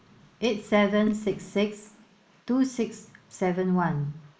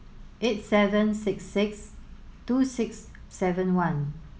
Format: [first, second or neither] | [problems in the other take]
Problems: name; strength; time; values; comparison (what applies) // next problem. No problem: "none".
second | noise reduction (neural mask model Resemble Enhance denoiser)